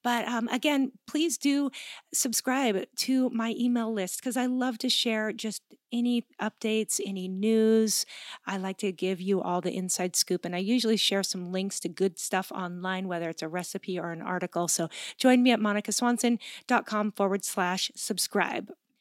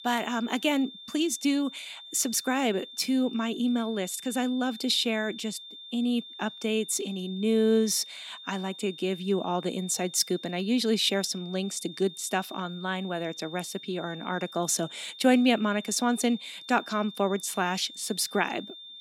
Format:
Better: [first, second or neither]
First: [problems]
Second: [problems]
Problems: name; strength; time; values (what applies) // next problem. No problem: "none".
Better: first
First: none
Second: high-pitched whine; noticeable; throughout; 3.5 kHz, 15 dB below the speech